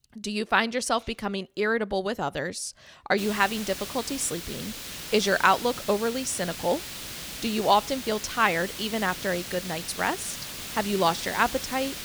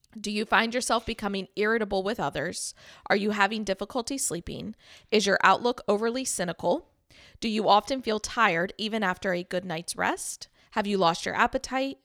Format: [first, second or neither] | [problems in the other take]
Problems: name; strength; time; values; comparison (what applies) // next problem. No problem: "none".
second | hiss; loud; from 3 s on; 8 dB below the speech